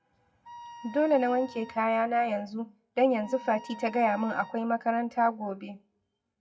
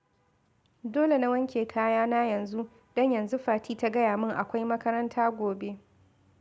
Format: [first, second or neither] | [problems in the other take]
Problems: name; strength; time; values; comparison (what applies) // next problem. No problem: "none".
second | noise reduction (classical method WPE with log-MMSE)